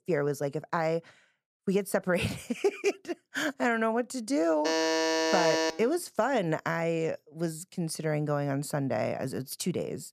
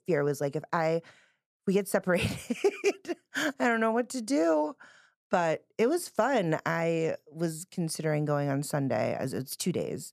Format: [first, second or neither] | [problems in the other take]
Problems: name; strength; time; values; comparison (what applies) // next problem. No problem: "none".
second | alarm; loud; from 4.5 to 6 s; peak 4 dB above the speech